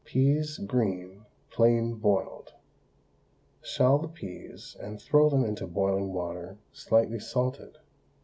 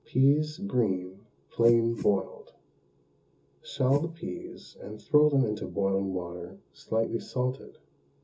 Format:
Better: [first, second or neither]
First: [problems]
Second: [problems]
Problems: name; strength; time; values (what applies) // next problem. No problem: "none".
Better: first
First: none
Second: background sound (Whoosh, swoosh, swish); 11 dB below the speech // room echo; dies away in 0.2 s